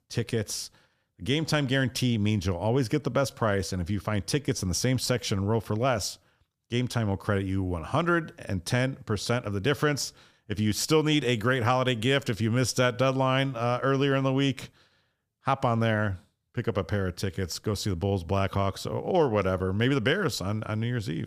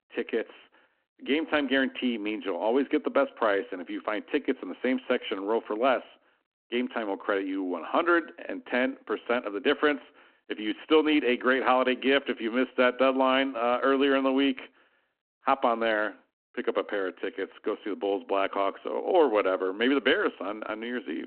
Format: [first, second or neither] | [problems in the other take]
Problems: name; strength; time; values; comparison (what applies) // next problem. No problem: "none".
first | phone-call audio